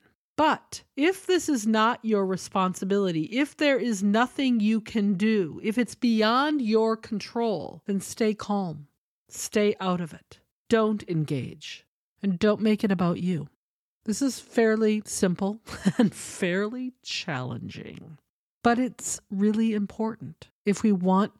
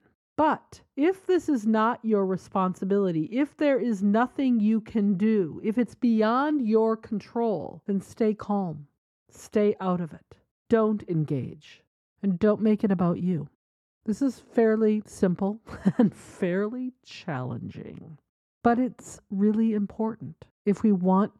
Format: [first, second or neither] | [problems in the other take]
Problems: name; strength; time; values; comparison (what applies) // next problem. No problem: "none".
first | muffled; slightly; fading above 2 kHz